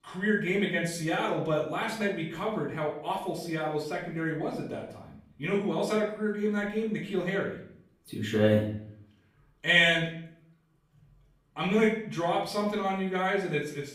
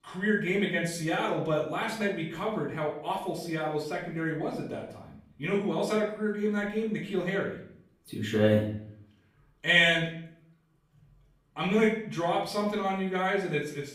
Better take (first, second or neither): neither